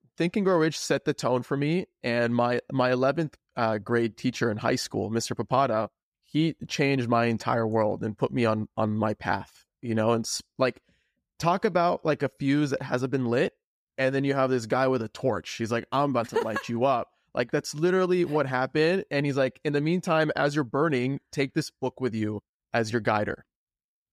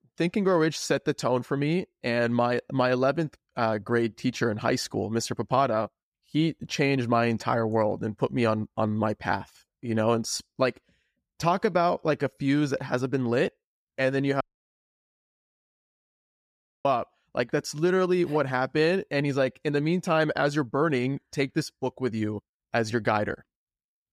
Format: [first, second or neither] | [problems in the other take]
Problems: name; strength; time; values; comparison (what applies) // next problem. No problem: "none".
first | audio cutting out; at 14 s for 2.5 s